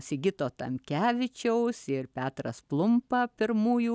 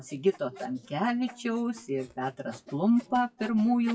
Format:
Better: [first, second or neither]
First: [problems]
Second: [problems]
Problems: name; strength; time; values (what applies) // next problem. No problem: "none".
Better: first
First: none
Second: noise reduction (classical method WPE with log-MMSE)